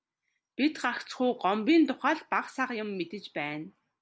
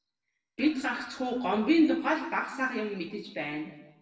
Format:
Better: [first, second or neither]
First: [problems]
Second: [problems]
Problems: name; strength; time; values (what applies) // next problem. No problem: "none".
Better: first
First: none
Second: noise reduction (neural separator model SepFormer DNS4)